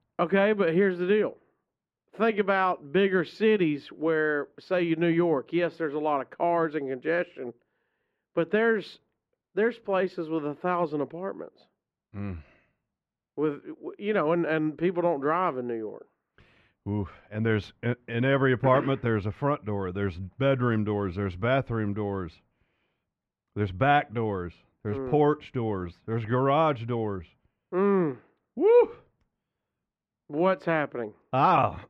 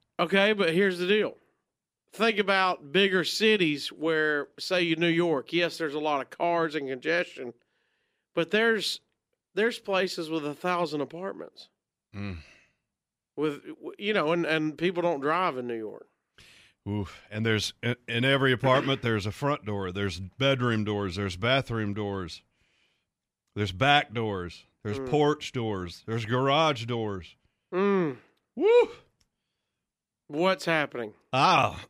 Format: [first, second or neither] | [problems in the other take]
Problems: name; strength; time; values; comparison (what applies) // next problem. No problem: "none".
second | muffled; very; fading above 3.5 kHz